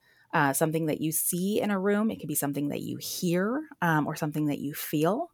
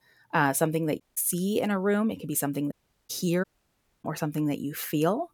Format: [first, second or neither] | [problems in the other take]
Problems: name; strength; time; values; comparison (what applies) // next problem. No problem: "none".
first | audio cutting out; at 1 s, at 2.5 s and at 3.5 s for 0.5 s